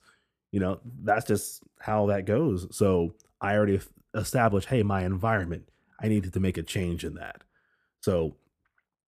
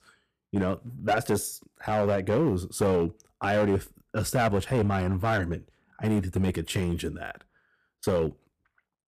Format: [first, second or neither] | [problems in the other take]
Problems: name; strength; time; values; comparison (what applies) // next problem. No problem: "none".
first | distortion; slight; 6% of the sound clipped